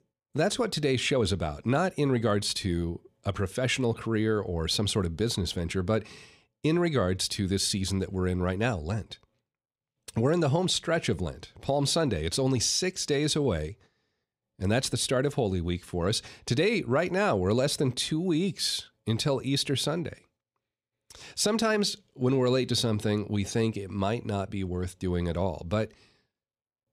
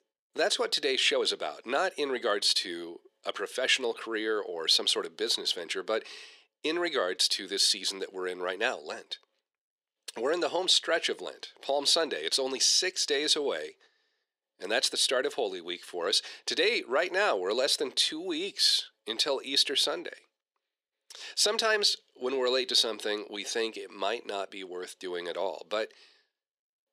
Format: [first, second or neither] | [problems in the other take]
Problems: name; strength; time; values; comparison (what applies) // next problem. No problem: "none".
first | thin; very; fading below 350 Hz